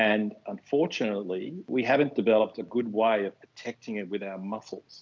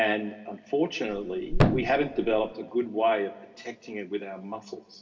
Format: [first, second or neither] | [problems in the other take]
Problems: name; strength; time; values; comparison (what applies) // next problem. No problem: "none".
first | background sound (Thump, thud); 2 dB above the speech // room echo; dies away in 2.9 s